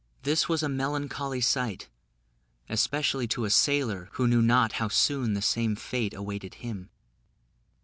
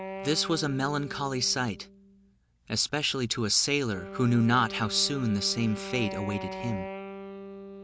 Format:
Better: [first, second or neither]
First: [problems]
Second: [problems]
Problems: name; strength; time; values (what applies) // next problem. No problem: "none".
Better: first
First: none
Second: background sound (Wind instrument, woodwind instrument); 12 dB below the speech